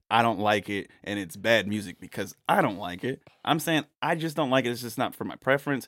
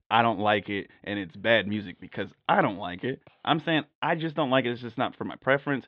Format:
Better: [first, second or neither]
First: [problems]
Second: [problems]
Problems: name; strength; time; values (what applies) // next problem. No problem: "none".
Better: first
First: none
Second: muffled; very slightly; fading above 3.5 kHz